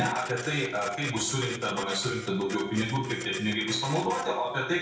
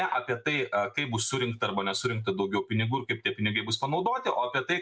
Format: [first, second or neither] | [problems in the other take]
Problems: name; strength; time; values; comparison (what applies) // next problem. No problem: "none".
second | background sound (Printer); 12 dB below the speech // room echo; dies away in 0.5 s